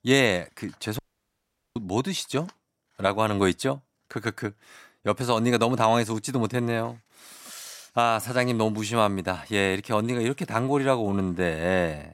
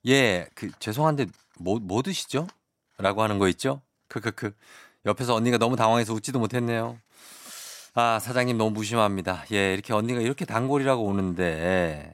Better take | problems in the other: second | audio cutting out; at 1 s for 1 s

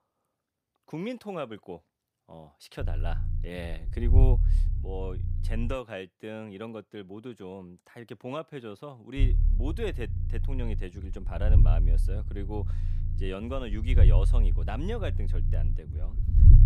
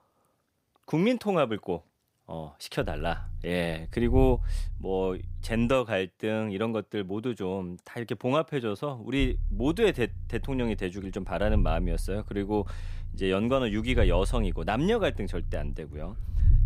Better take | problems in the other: second | low rumble; loud; from 3 to 5.5 s and from 9 s on; 7 dB below the speech; faint in the second

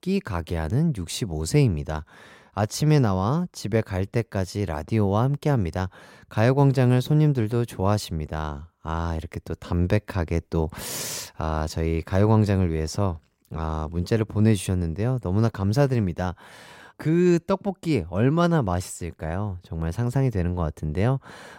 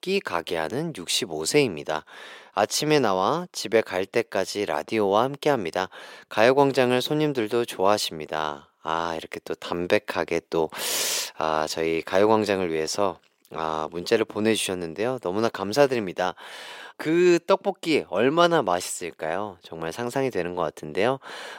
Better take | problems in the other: first | thin; somewhat; fading below 450 Hz

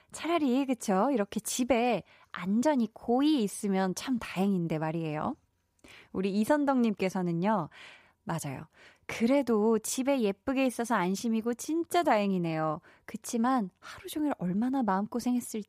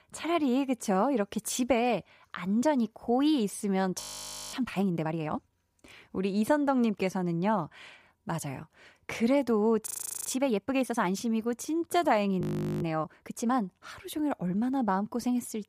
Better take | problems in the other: first | audio freezing; at 4 s for 0.5 s, at 10 s and at 12 s

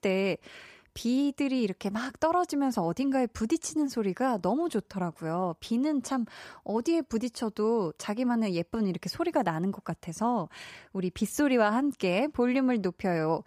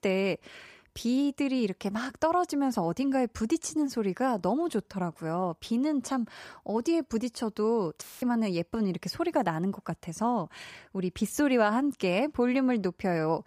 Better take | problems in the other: first | audio cutting out; filled with static; at 8 s

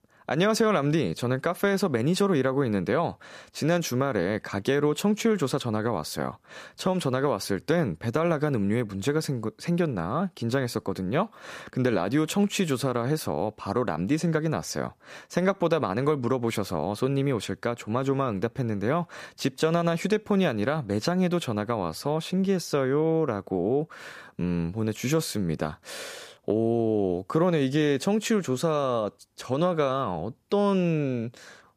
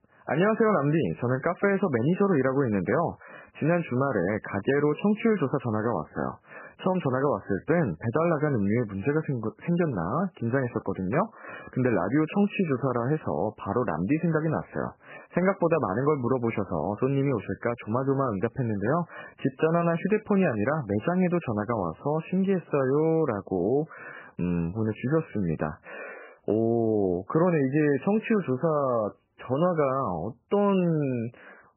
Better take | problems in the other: first | garbled, watery; badly; nothing above 3 kHz

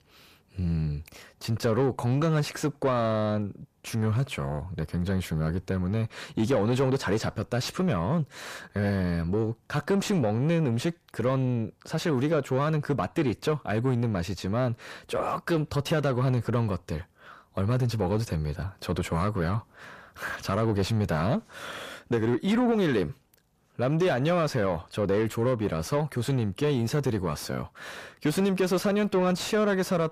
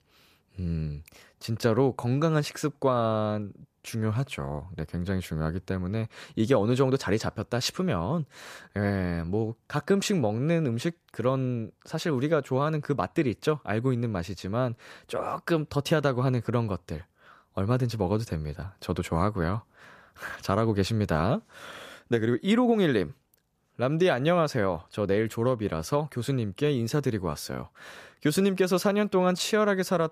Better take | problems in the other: second | distortion; slight; 10 dB below the speech

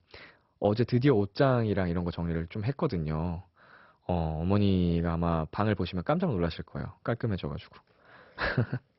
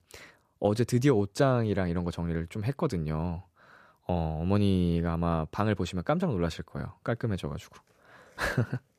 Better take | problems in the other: second | garbled, watery; badly; nothing above 5.5 kHz

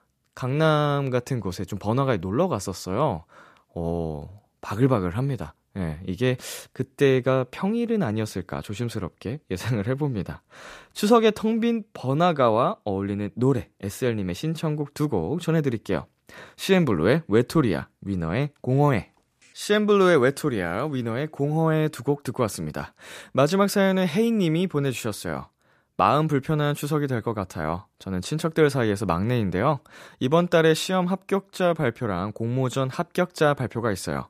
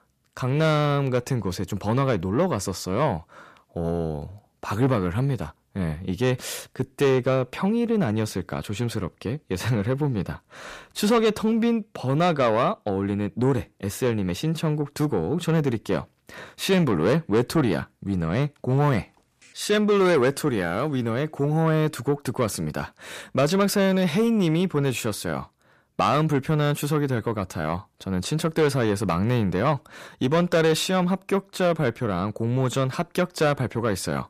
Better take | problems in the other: first | distortion; slight; 10 dB below the speech

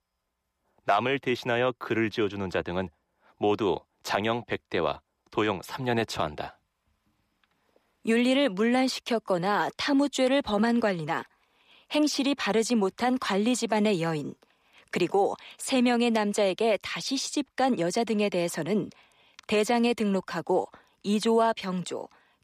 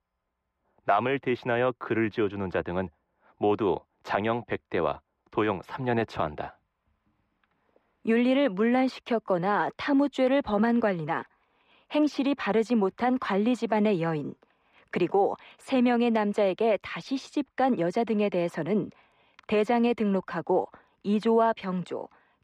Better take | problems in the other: first | muffled; slightly; fading above 4 kHz

